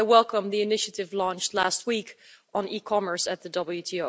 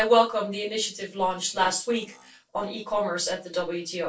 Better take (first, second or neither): first